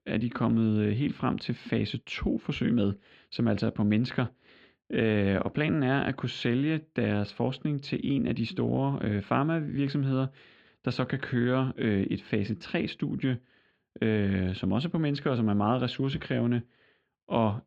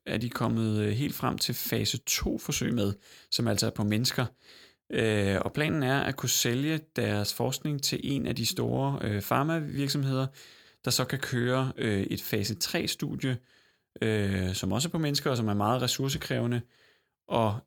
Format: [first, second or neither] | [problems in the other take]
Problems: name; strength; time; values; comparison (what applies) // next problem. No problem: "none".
second | muffled; slightly; fading above 3 kHz